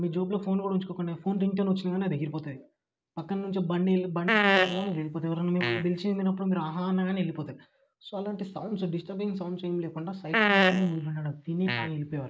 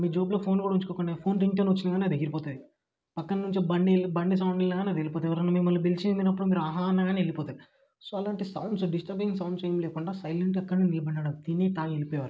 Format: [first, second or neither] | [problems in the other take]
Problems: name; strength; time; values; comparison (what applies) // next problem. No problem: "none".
second | noise reduction (neural mask model Resemble Enhance denoiser)